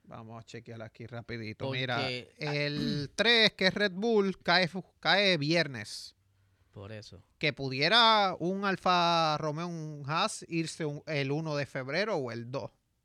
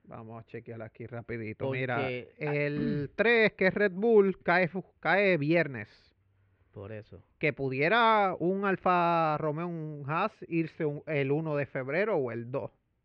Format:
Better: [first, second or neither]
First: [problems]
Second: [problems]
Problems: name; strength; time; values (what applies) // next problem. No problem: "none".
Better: first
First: none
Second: muffled; very; fading above 2.5 kHz